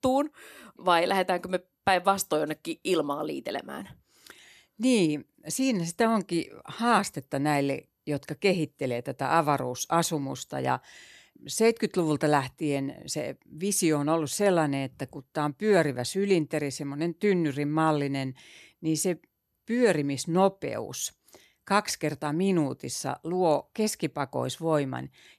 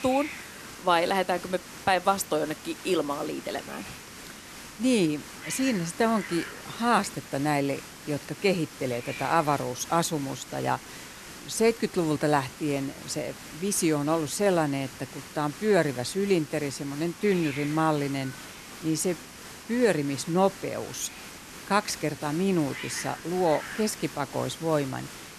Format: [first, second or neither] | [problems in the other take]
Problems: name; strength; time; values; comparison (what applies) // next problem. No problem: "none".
first | hiss; noticeable; throughout; 15 dB below the speech